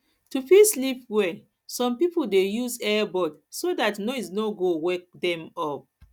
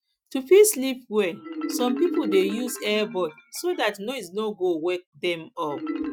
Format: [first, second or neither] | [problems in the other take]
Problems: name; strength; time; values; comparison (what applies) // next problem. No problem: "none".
first | noise reduction (classical method Wiener filter)